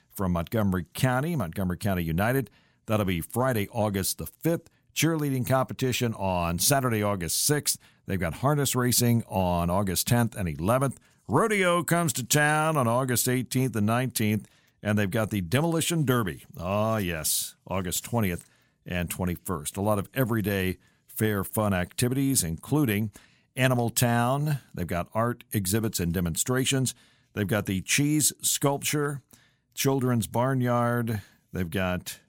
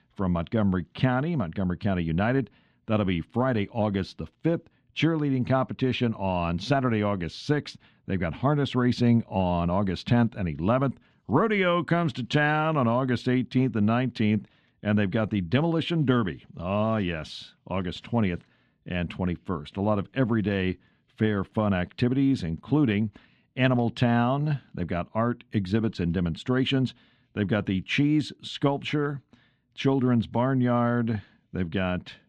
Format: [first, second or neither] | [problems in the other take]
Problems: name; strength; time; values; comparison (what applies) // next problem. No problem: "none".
first | muffled; slightly; fading above 3.5 kHz